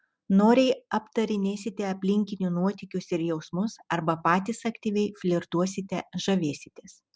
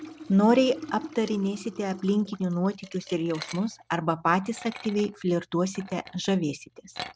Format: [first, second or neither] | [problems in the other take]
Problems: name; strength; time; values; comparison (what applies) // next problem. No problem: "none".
first | background sound (Liquid); 17 dB below the speech